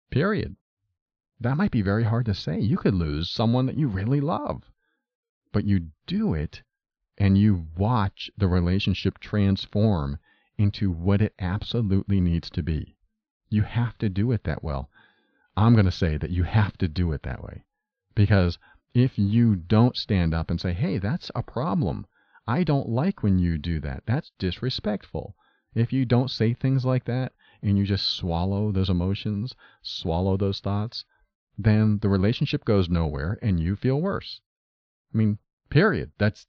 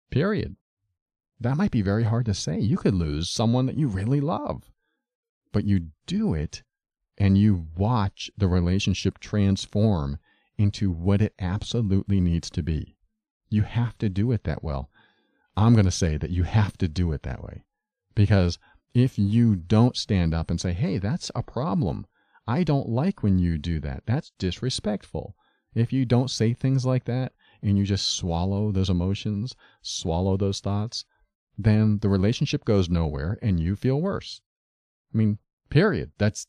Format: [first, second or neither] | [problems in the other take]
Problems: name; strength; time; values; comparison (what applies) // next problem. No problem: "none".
second | muffled; very slightly; fading above 4.5 kHz